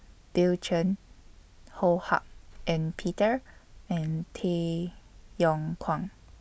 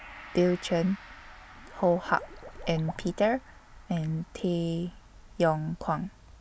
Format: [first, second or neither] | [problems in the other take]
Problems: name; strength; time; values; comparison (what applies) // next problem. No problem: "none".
first | background sound (Gong + Liquid); 19 dB below the speech